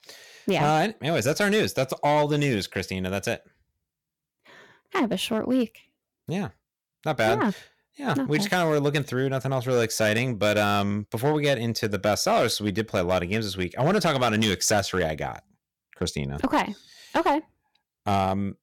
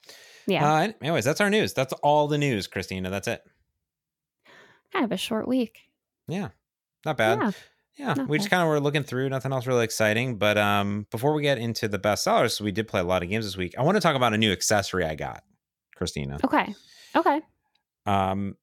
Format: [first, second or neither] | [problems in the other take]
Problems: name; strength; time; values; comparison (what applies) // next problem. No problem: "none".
second | distortion; slight; 4% of the sound clipped